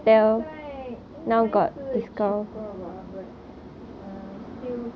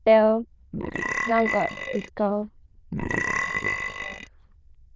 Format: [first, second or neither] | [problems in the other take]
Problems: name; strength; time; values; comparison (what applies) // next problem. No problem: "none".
first | noise reduction (neural diffusion model UNIVERSE++)